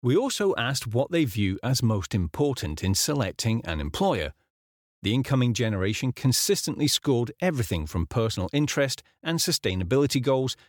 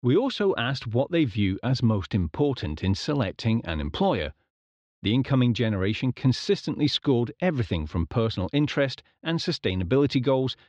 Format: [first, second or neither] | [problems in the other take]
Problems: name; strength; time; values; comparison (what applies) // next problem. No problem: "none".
first | muffled; very slightly; fading above 4 kHz